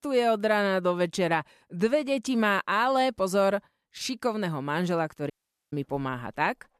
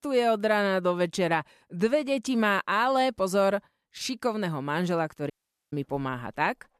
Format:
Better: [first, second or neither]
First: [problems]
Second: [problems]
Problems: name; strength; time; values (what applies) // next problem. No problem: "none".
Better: neither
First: audio cutting out; at 5.5 s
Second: audio cutting out; at 5.5 s